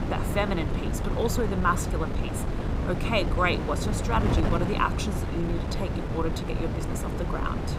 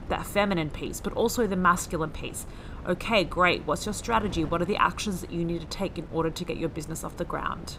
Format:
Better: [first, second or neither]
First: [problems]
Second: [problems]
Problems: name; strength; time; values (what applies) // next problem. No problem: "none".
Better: second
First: wind noise on the microphone; heavy; 6 dB below the speech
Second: wind noise on the microphone; occasional gusts; 20 dB below the speech